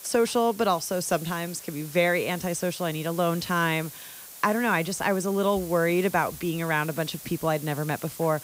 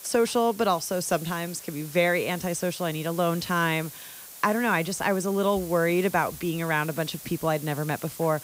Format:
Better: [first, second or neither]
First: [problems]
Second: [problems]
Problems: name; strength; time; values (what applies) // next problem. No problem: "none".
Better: neither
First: hiss; noticeable; throughout; 15 dB below the speech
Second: hiss; noticeable; throughout; 15 dB below the speech